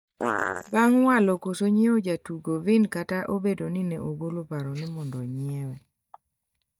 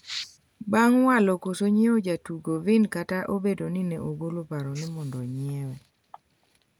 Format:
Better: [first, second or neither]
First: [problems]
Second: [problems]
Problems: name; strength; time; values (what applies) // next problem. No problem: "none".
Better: second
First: noise reduction (neural mask model DeepFilterNet 3)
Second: none